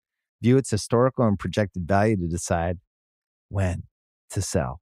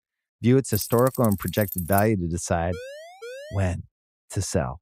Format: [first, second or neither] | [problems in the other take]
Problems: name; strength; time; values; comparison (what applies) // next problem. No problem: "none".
first | jangling keys; noticeable; from 0.5 to 2 s; peak 7 dB below the speech // siren; faint; at 2.5 s; peak 15 dB below the speech